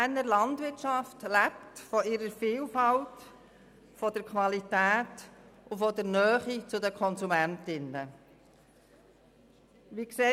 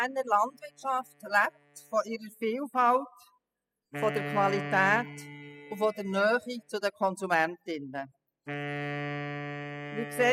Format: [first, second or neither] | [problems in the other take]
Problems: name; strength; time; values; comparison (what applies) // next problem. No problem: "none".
first | noise reduction (classical method spectral subtraction)